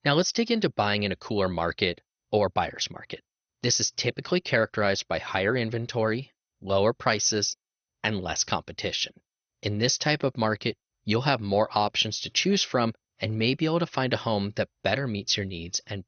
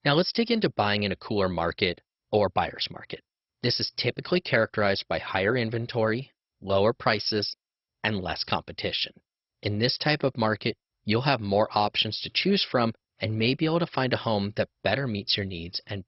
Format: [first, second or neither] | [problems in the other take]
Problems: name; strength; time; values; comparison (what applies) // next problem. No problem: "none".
first | garbled, watery; badly; nothing above 5.5 kHz; slightly in the first